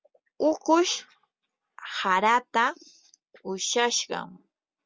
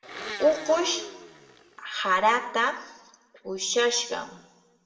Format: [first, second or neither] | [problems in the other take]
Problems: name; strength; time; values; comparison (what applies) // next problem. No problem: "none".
first | background sound (Domestic sounds, home sounds); 14 dB below the speech // room echo; dies away in 0.7 s